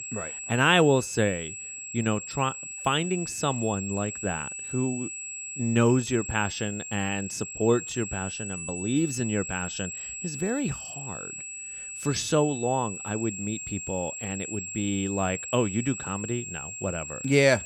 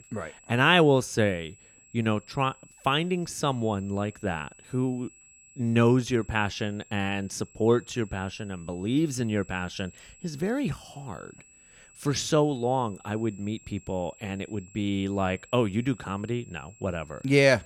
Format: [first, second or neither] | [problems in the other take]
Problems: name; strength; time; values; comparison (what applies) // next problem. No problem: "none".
second | high-pitched whine; loud; throughout; 7.5 kHz, 7 dB below the speech; faint in the second